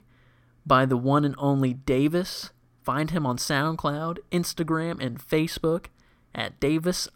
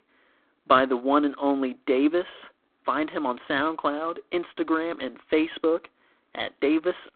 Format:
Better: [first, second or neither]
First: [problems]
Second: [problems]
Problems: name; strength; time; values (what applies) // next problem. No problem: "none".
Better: first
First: none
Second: phone-call audio; poor line